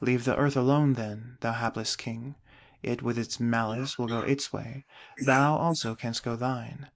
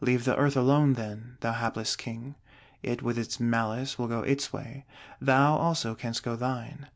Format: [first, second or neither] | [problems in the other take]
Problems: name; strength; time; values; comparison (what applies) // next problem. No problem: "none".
second | noise reduction (neural mask model Resemble Enhance denoiser)